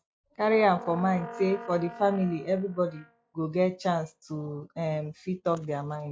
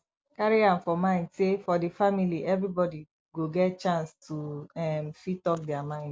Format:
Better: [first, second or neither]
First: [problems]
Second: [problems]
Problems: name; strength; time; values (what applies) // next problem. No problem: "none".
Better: second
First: noise reduction (classical method log-MMSE)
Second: none